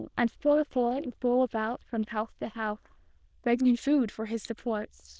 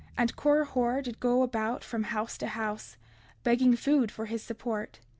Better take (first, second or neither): second